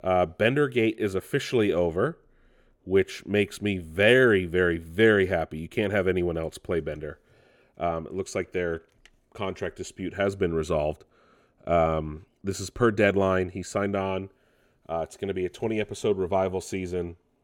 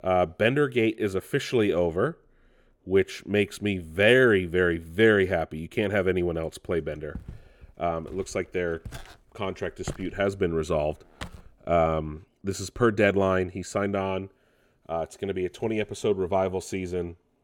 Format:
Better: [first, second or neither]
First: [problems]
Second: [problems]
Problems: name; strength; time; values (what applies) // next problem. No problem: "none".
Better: first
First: none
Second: footsteps; faint; from 7 to 11 s; peak 15 dB below the speech